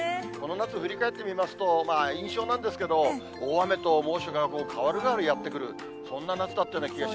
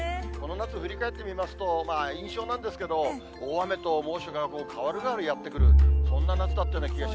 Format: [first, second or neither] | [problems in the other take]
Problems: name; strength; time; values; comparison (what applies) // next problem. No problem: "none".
first | background sound (Bowed string instrument); 3 dB above the speech